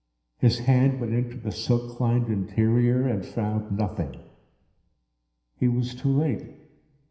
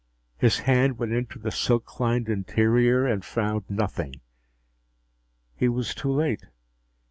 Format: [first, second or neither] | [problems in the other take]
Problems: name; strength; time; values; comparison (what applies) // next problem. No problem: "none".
second | room echo; dies away in 0.9 s